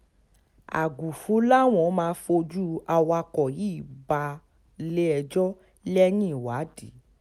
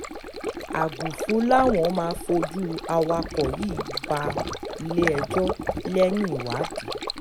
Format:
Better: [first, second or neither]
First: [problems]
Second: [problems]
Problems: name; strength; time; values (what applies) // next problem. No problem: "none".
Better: first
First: none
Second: background sound (Stream); 4 dB below the speech